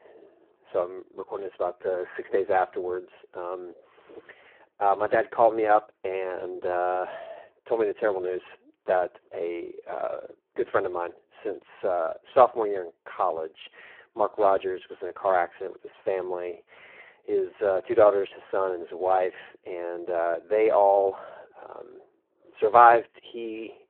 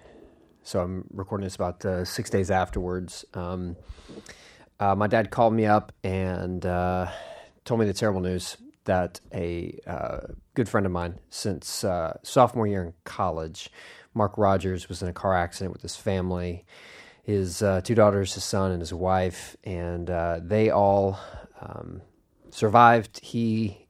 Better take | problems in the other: second | phone-call audio; poor line

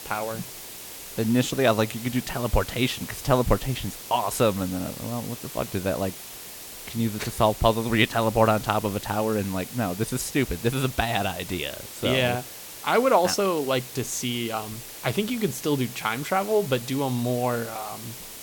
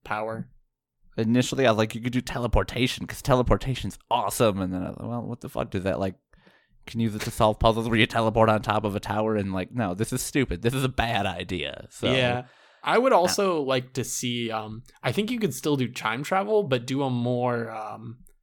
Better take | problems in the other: second | hiss; noticeable; throughout; 10 dB below the speech

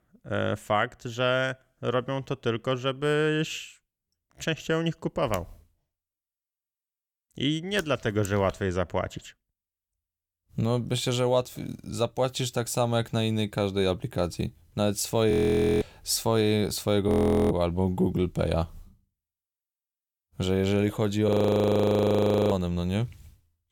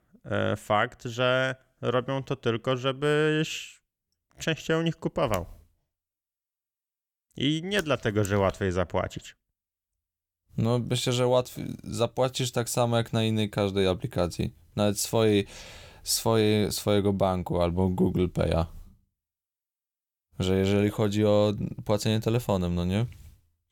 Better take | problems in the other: second | audio freezing; at 15 s for 0.5 s, at 17 s and at 21 s for 1 s

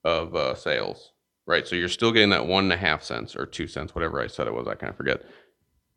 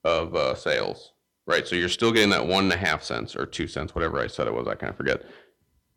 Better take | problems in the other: first | distortion; slight; 10 dB below the speech

